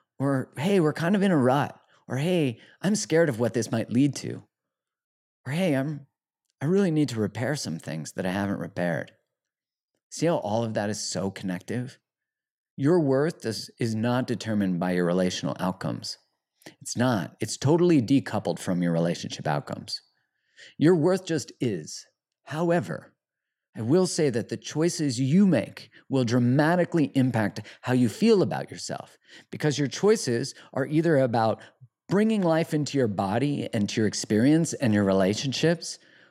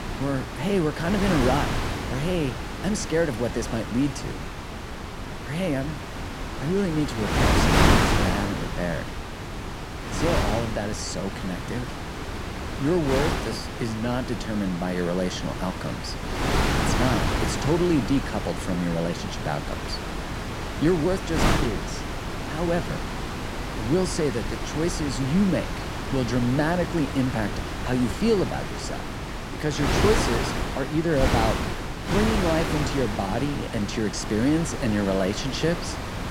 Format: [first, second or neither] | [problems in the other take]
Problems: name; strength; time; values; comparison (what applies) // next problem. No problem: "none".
first | wind noise on the microphone; heavy; 1 dB below the speech